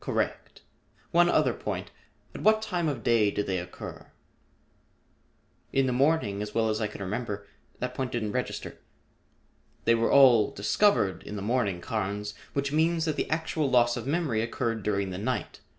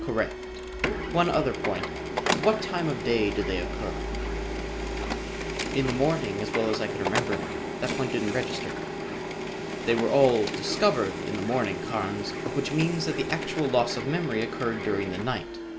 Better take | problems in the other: first | background sound (Printer); 3 dB below the speech

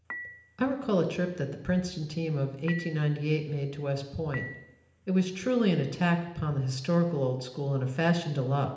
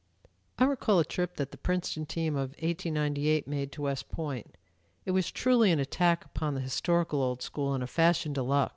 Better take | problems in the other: second | background sound (Dishes, pots, and pans / Chink, clink); 16 dB below the speech // room echo; dies away in 0.8 s

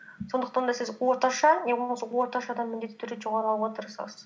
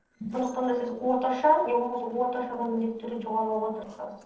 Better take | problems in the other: first | noise reduction (neural separator model SepFormer DNS4)

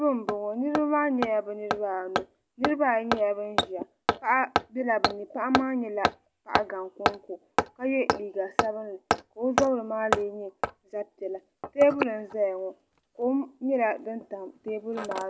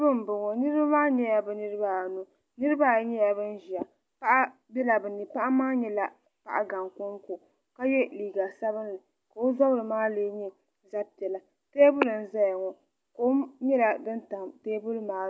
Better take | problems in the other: second | background sound (Hammer); 4 dB below the speech

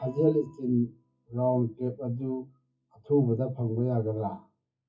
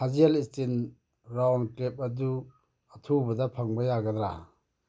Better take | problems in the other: second | noise reduction (classical method WPE with log-MMSE)

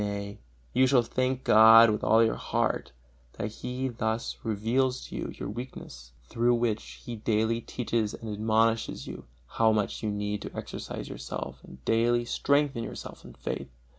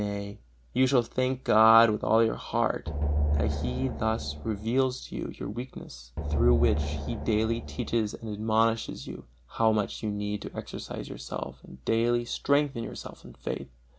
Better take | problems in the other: first | background sound (Drum); 1 dB below the speech

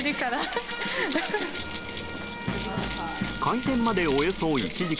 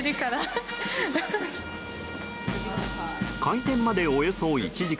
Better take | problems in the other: second | background sound (Keys jangling); 12 dB below the speech

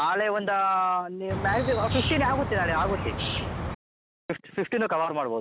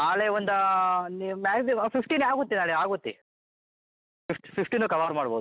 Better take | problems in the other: second | background sound (Bird); 3 dB below the speech

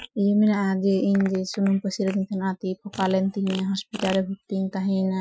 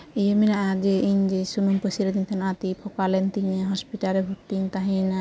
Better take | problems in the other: second | noise reduction (classical method Wiener filter)

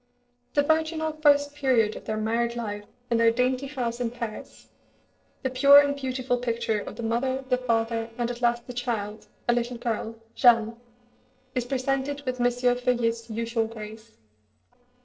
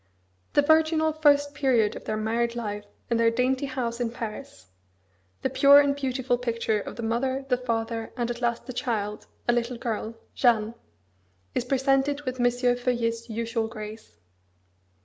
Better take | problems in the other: second | noise reduction (neural separator model SepFormer DNS4)

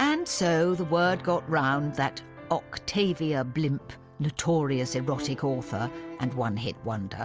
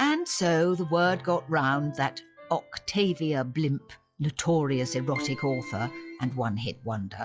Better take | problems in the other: first | noise reduction (classical method log-MMSE)

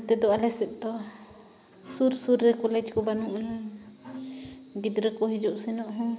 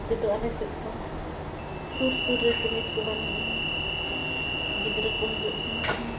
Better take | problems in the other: first | background sound (Train); 2 dB above the speech // room echo; dies away in 0.1 s

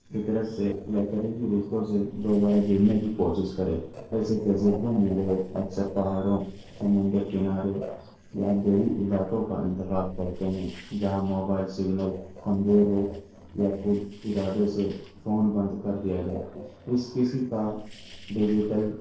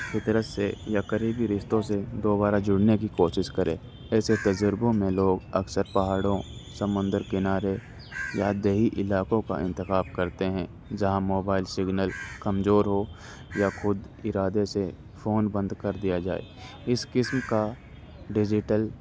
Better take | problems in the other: second | noise reduction (neural separator model SepFormer DNS4)

